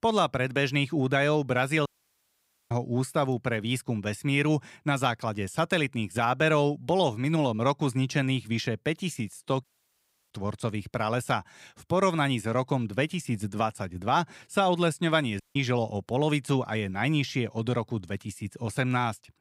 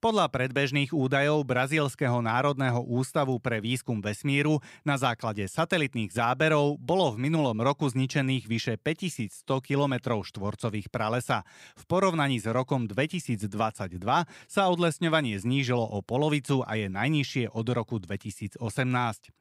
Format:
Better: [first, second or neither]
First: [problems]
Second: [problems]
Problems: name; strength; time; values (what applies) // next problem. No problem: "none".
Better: second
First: audio cutting out; at 2 s for 1 s, at 9.5 s for 0.5 s and at 15 s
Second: none